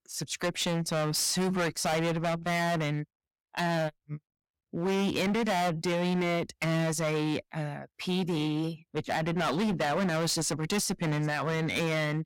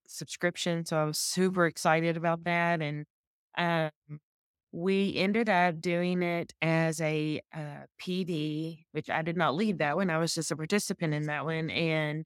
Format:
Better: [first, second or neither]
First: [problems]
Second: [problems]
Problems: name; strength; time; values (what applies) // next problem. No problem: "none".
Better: second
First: distortion; heavy; 20% of the sound clipped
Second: none